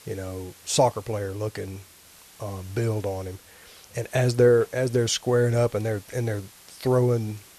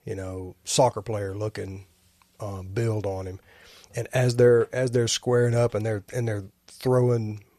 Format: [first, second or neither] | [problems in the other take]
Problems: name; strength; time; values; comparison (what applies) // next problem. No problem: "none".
second | hiss; faint; throughout; 25 dB below the speech